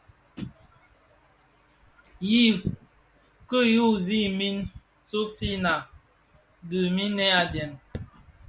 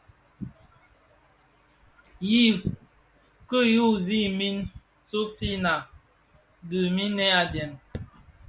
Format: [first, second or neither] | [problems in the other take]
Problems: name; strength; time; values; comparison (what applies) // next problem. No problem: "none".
second | background sound (Hi-hat); 17 dB below the speech